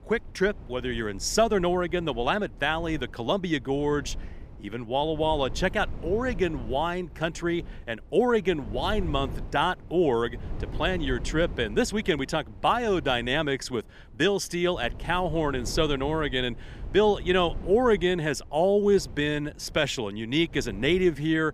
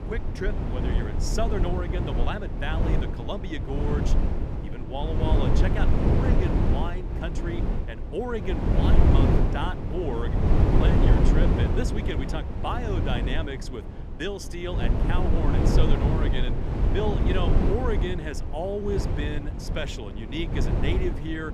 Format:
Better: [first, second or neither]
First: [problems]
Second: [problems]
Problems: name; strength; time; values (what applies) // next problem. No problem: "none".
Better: first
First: low rumble; faint; throughout; 25 dB below the speech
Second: low rumble; loud; throughout; as loud as the speech